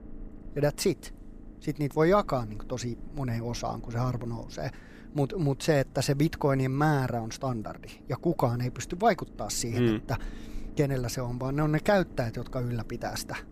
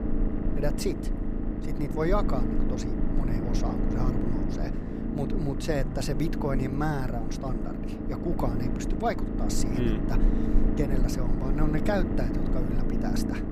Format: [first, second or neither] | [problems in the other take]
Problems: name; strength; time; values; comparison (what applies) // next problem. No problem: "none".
first | low rumble; loud; throughout; 2 dB below the speech; faint in the first